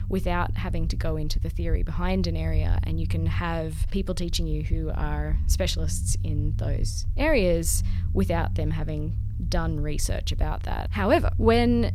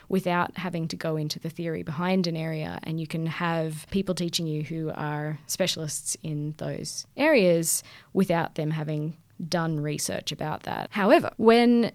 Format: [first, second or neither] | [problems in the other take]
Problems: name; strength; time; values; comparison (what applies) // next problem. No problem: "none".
second | low rumble; noticeable; throughout; 15 dB below the speech